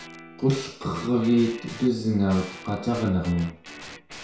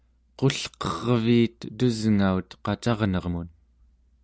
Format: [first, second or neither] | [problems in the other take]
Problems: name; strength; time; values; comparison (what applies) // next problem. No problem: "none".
second | background sound (Guitar); 17 dB below the speech // room echo; dies away in 0.6 s